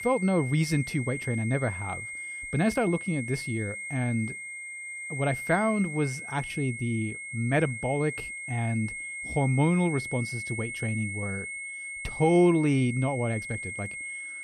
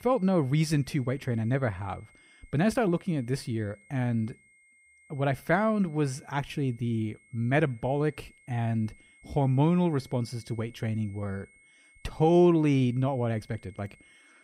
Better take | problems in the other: second | high-pitched whine; loud; throughout; 2 kHz, 7 dB below the speech; faint in the second

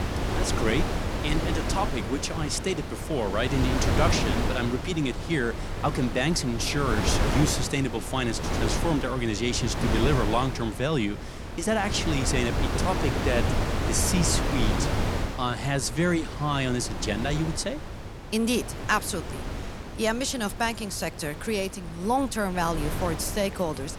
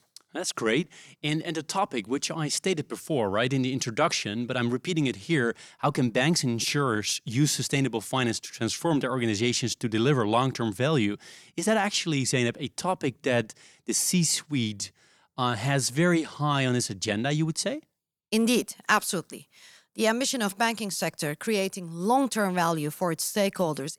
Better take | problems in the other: second | wind noise on the microphone; heavy; 4 dB below the speech

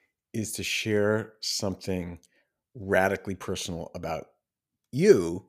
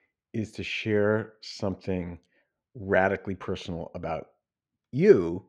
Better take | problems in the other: first | muffled; slightly; fading above 2.5 kHz

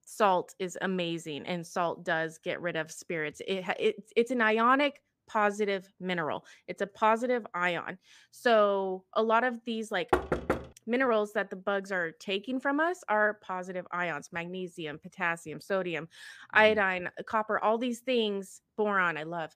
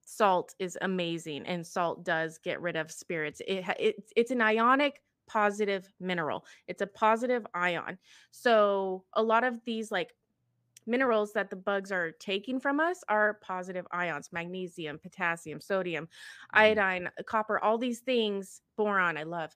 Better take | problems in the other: second | door banging; noticeable; at 10 s; peak level with the speech

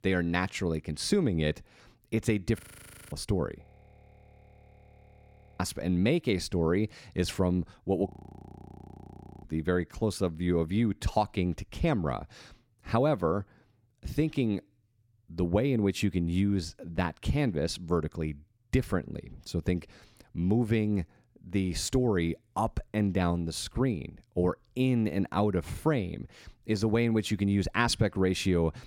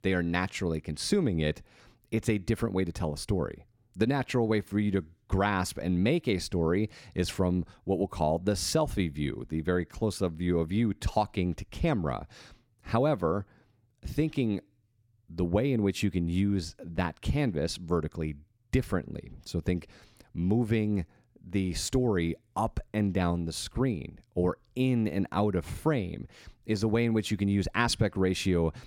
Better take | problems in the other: second | audio freezing; at 2.5 s for 0.5 s, at 3.5 s for 2 s and at 8 s for 1.5 s

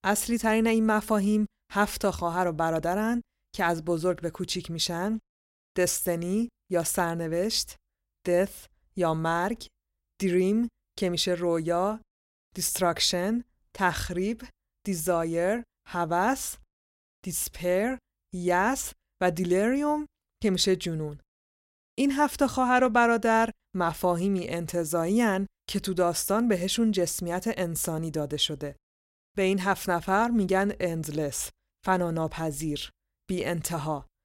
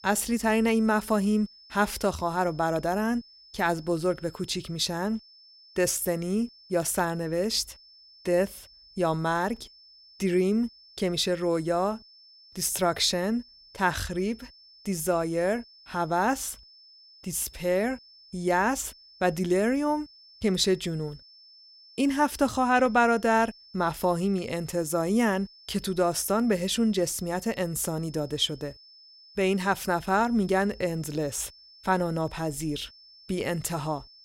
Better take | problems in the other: first | high-pitched whine; faint; throughout; 5.5 kHz, 25 dB below the speech

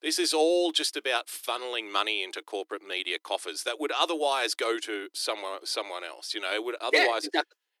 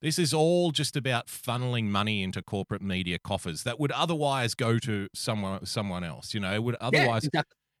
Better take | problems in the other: second | thin; very; fading below 300 Hz

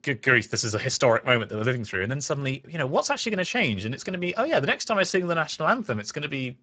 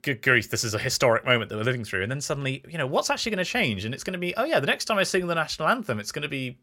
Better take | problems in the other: second | garbled, watery; badly; nothing above 7.5 kHz

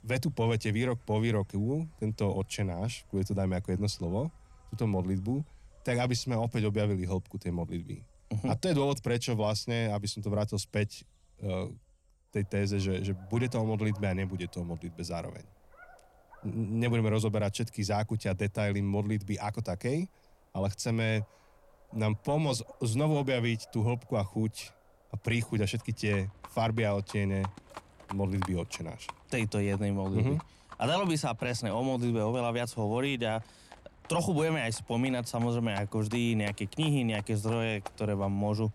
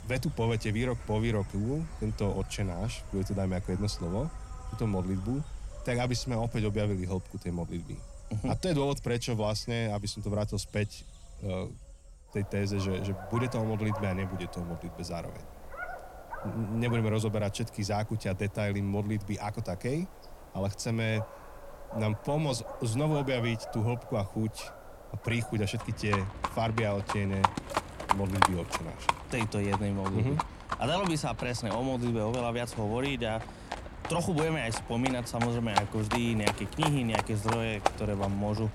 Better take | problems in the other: first | animal sounds; loud; throughout; 6 dB below the speech; faint in the first

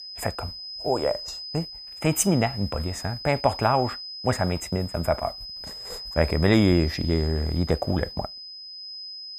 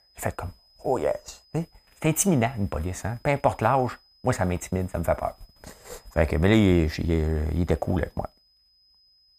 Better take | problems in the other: second | high-pitched whine; loud; throughout; 5 kHz, 10 dB below the speech; faint in the second

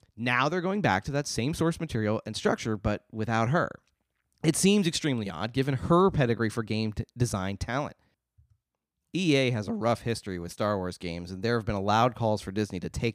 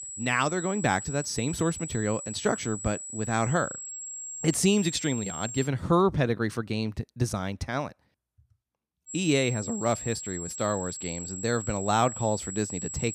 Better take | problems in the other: first | high-pitched whine; loud; until 5.5 s and from 9 s on; 7.5 kHz, 8 dB below the speech

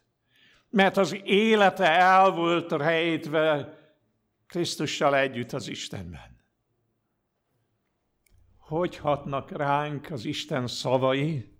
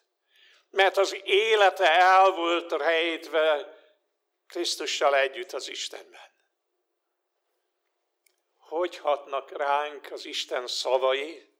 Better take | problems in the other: first | thin; very; fading below 350 Hz

